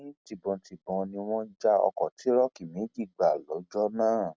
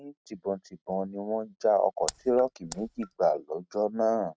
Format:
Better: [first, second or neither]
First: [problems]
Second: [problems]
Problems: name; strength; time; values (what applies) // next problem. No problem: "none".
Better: first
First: none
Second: noise reduction (neural mask model RNNoise)